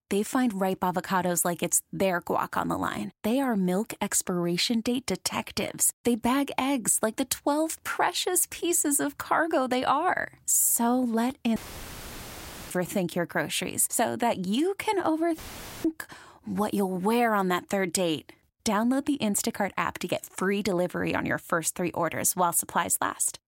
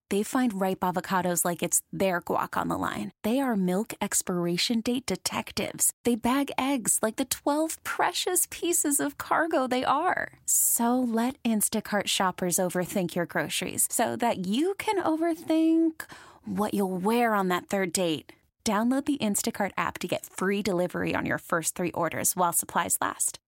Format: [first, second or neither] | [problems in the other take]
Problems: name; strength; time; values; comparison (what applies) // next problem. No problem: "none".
second | audio cutting out; filled with static; at 12 s for 1 s and at 15 s